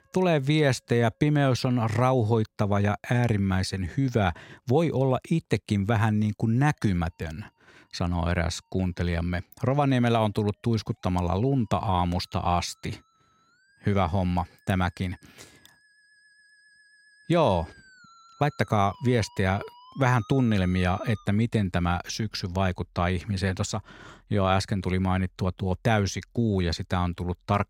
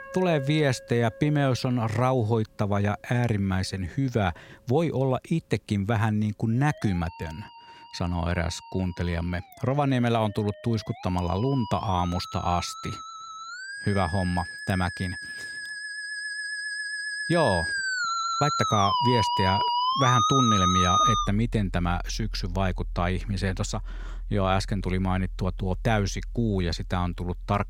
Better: first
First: background music; faint; throughout; 30 dB below the speech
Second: background music; loud; throughout; 2 dB below the speech

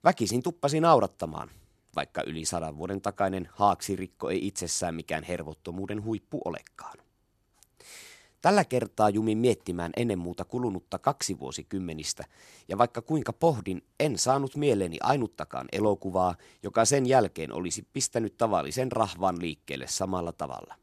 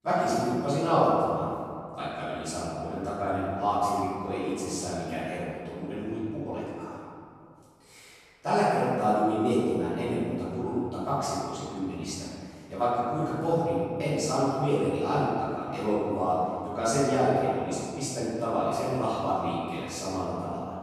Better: first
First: none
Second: off-mic speech; far // room echo; strong; dies away in 2.2 s

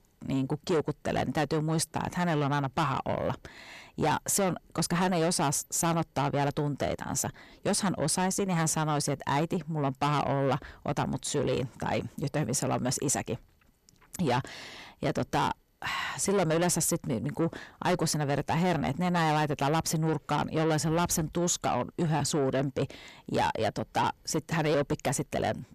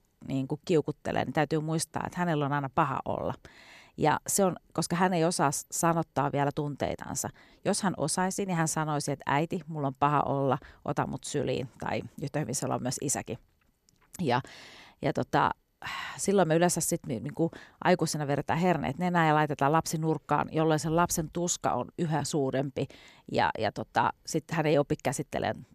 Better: second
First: distortion; heavy; 8 dB below the speech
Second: none

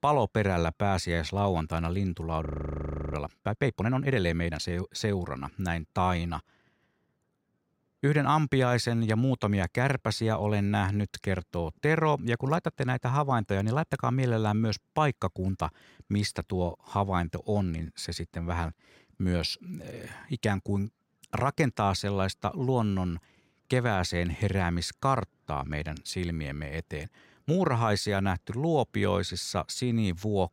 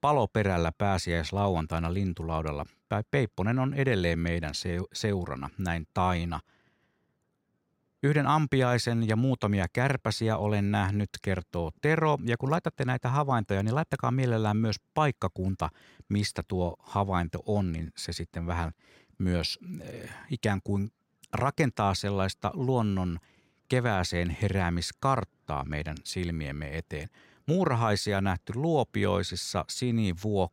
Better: second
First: audio freezing; at 2.5 s for 0.5 s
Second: none

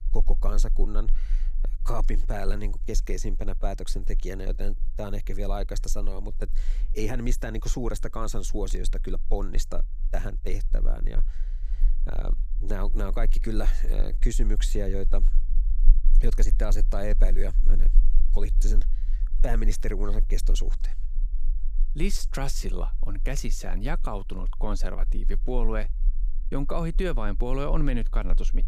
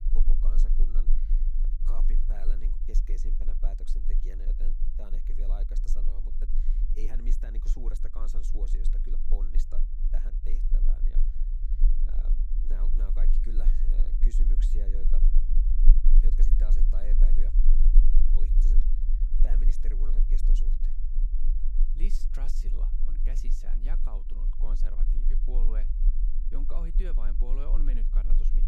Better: first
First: low rumble; faint; throughout; 20 dB below the speech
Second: low rumble; loud; throughout; 5 dB below the speech

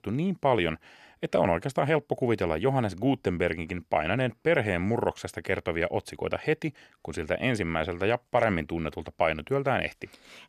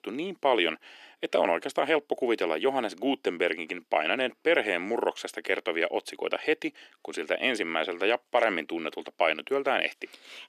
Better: first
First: none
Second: thin; somewhat; fading below 300 Hz

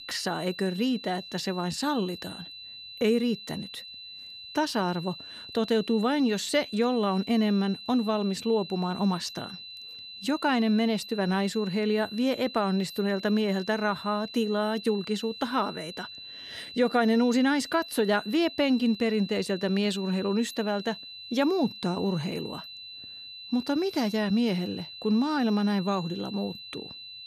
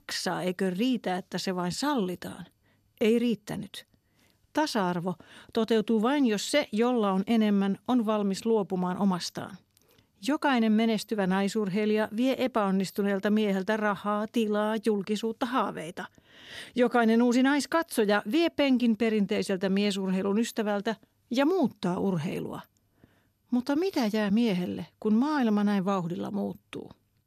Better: second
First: high-pitched whine; noticeable; throughout; 4 kHz, 15 dB below the speech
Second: none

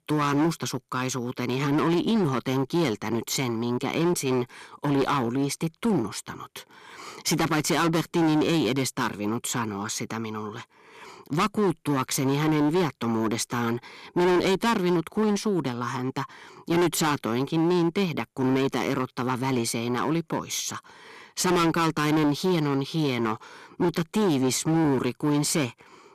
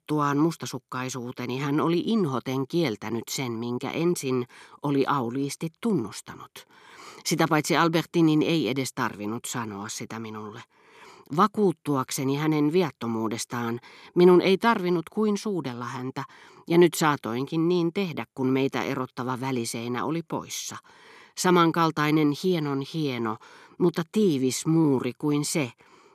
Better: second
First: distortion; heavy; 15% of the sound clipped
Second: none

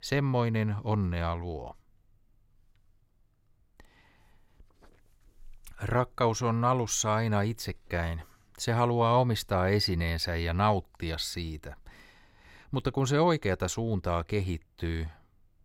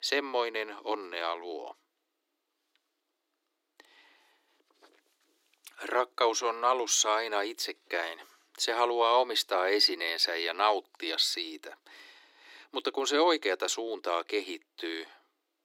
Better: first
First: none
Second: thin; very; fading below 300 Hz

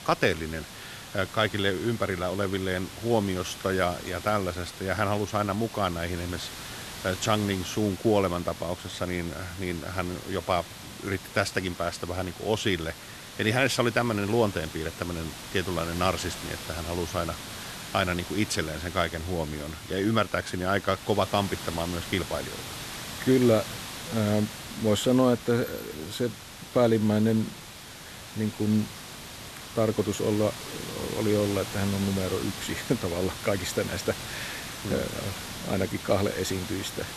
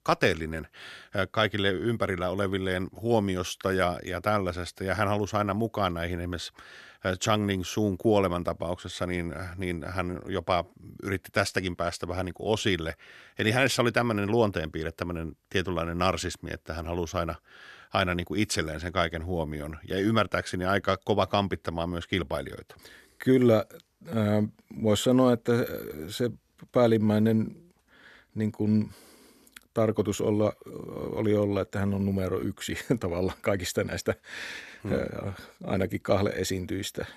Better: second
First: hiss; noticeable; throughout; 10 dB below the speech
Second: none

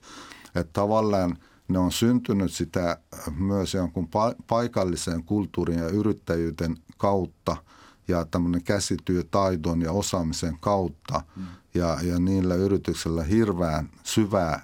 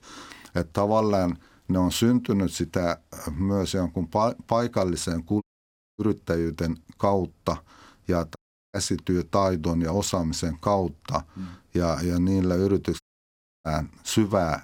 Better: first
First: none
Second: audio cutting out; at 5.5 s for 0.5 s, at 8.5 s and at 13 s for 0.5 s

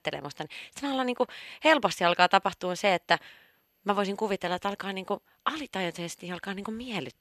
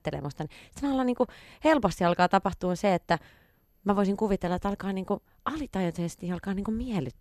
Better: second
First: thin; very slightly; fading below 550 Hz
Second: none

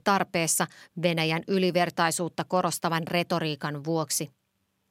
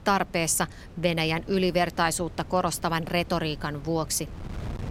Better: first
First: none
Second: wind noise on the microphone; occasional gusts; 25 dB below the speech

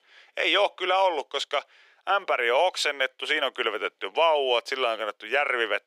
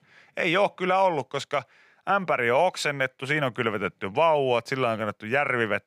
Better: second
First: thin; very; fading below 350 Hz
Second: none

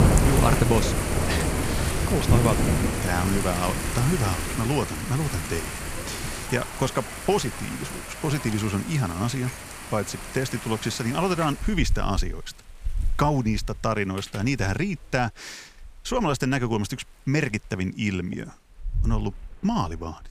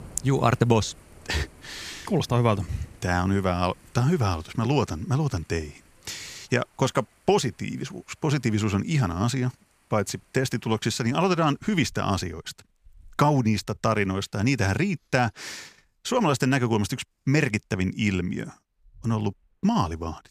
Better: second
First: rain or running water; loud; throughout; 2 dB below the speech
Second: rain or running water; faint; throughout; 30 dB below the speech

